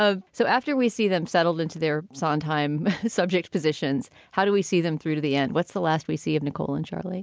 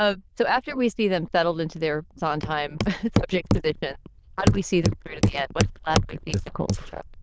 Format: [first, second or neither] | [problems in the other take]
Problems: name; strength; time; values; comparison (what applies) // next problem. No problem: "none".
first | noise reduction (neural diffusion model UNIVERSE++)